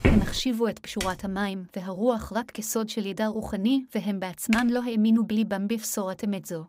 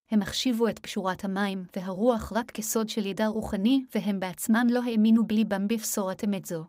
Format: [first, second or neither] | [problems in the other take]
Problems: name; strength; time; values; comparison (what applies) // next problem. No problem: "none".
second | footsteps; loud; at the start; peak 3 dB above the speech // keyboard typing; noticeable; at 1 s and at 4.5 s; peak 6 dB below the speech